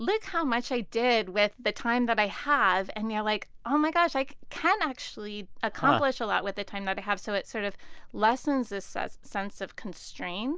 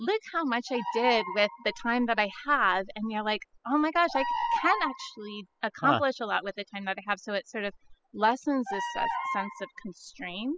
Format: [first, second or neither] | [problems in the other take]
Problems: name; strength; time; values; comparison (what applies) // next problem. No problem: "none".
first | noise reduction (classical method spectral subtraction)